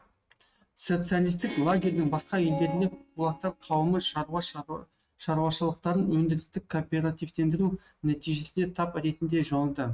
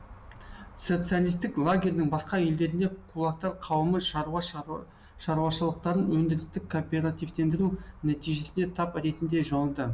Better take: second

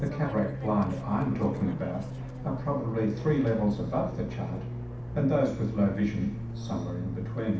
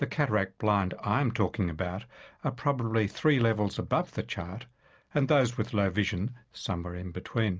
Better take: second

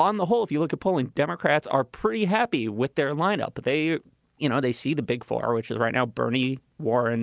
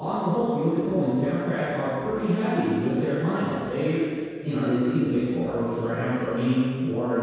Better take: first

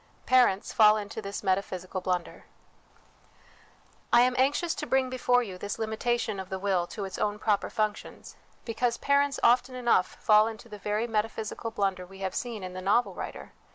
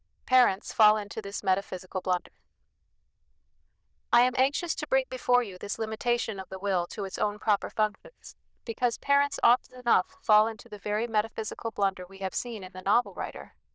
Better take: first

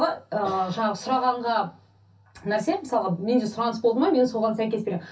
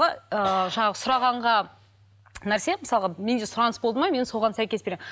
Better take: second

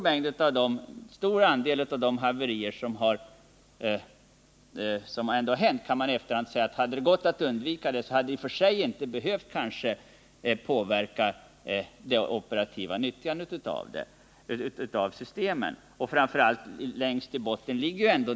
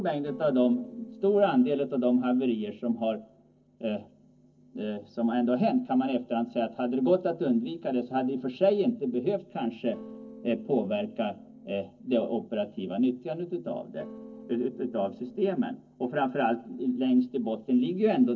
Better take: first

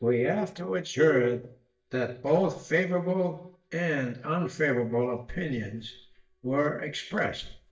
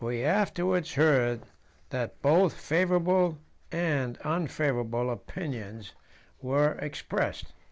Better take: second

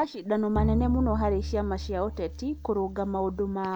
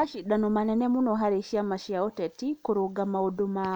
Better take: second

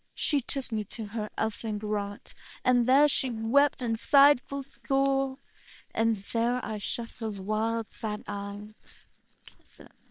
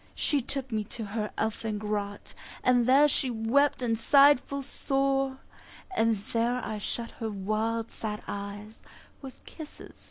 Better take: second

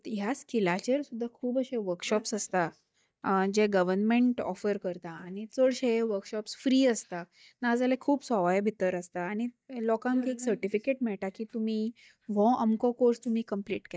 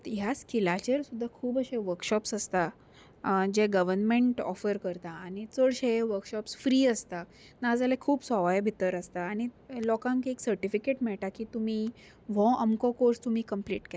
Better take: second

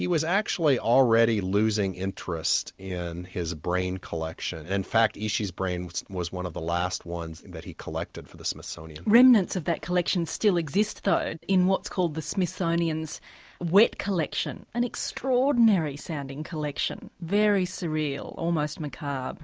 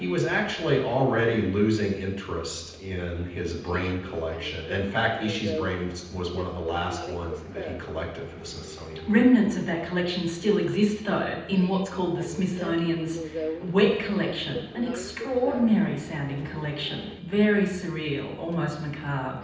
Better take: first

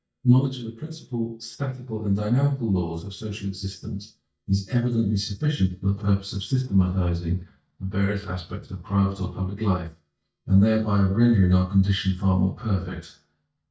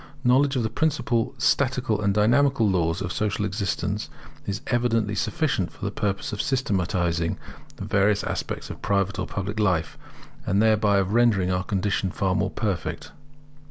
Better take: second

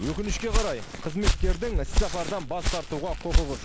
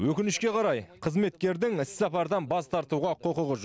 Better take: second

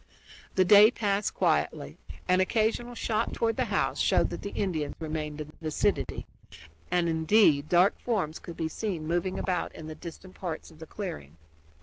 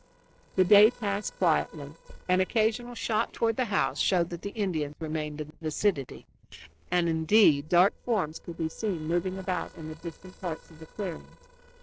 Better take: first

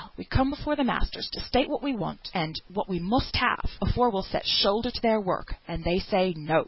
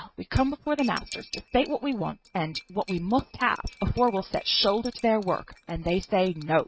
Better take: first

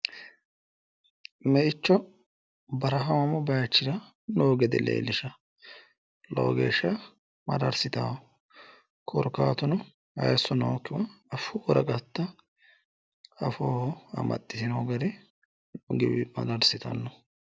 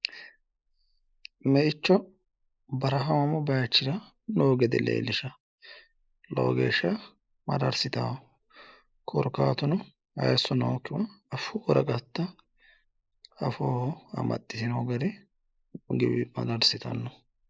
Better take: first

